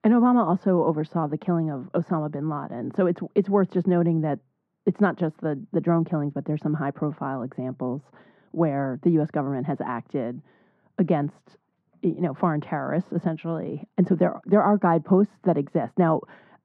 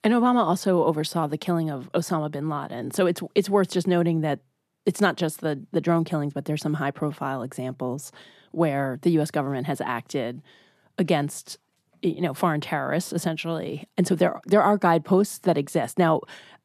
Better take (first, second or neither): second